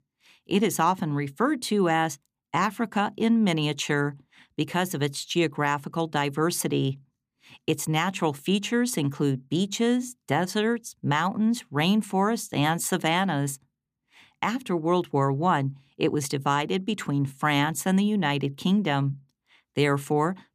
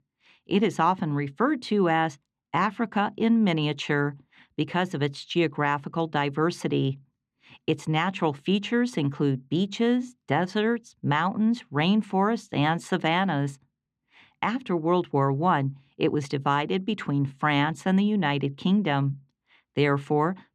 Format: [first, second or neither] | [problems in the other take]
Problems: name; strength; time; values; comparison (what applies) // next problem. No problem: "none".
first | muffled; slightly; fading above 3.5 kHz